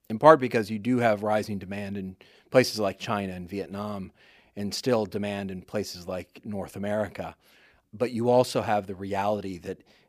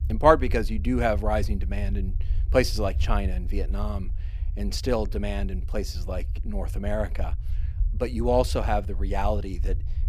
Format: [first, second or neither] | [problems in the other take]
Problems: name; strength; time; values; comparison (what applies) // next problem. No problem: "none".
first | low rumble; faint; throughout; 25 dB below the speech